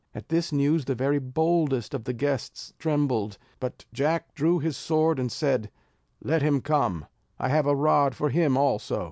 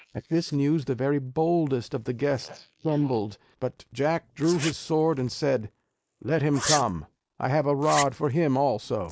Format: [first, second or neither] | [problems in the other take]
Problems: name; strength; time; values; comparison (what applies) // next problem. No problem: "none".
first | noise reduction (neural mask model Resemble Enhance denoiser)